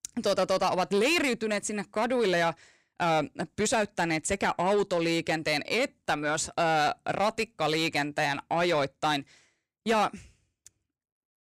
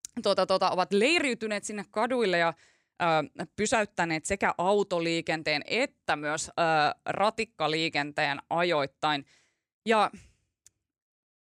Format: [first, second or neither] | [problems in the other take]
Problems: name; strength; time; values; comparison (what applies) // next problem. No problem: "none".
second | distortion; slight; 10 dB below the speech